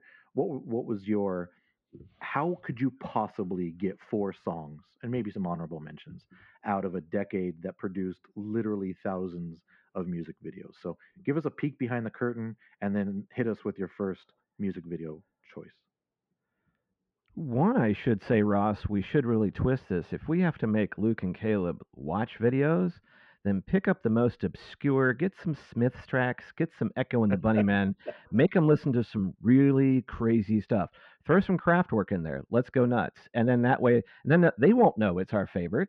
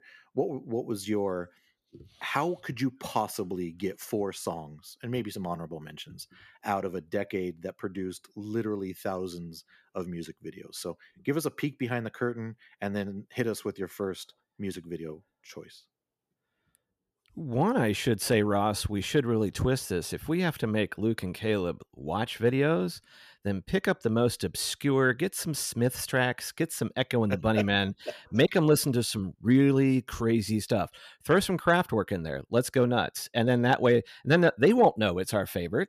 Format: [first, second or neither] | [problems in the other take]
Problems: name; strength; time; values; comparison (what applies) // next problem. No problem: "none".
second | muffled; very; fading above 2 kHz